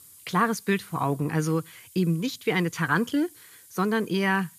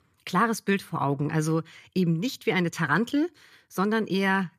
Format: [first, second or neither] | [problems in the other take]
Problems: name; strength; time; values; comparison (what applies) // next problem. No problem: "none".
second | hiss; faint; throughout; 20 dB below the speech